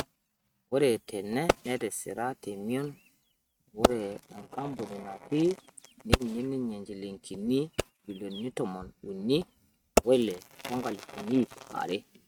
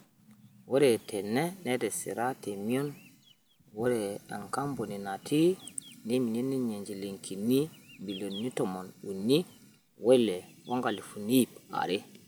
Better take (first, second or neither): second